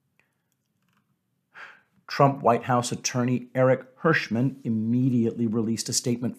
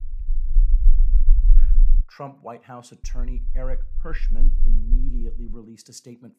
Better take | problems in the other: first | low rumble; noticeable; until 2 s and from 3 to 5.5 s; 10 dB below the speech

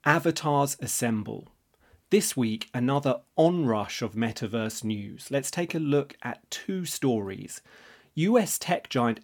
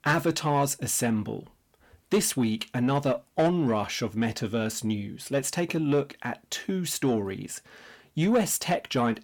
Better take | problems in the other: first | distortion; slight; 10 dB below the speech

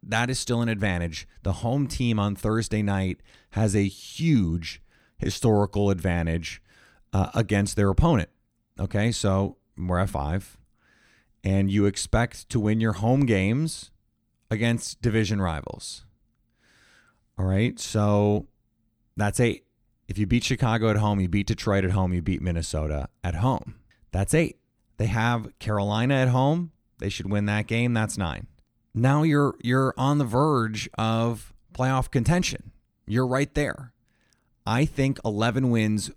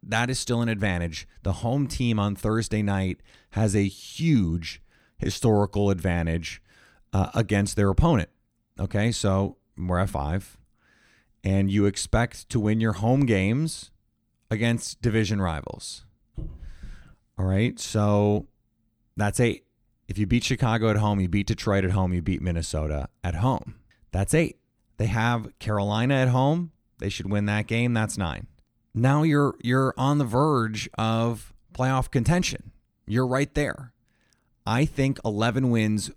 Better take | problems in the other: first | dog barking; faint; at 16 s; peak 15 dB below the speech

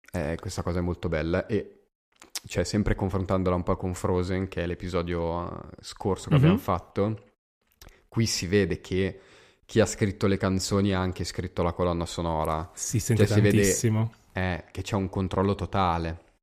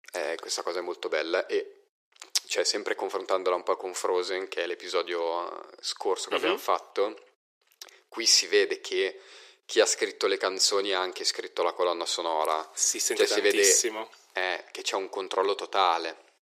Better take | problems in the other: first | thin; very; fading below 350 Hz

